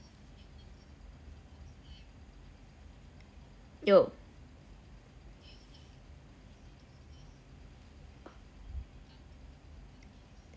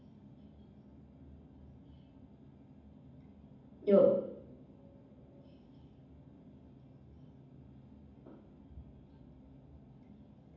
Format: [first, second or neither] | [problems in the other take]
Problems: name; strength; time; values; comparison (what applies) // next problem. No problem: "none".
first | room echo; dies away in 0.9 s